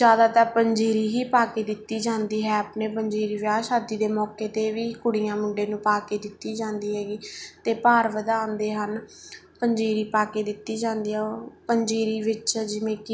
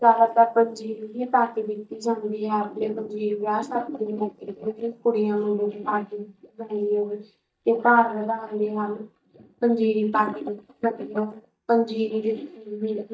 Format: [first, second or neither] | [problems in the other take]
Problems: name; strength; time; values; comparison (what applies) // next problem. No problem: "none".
first | noise reduction (neural mask model DeepFilterNet 3)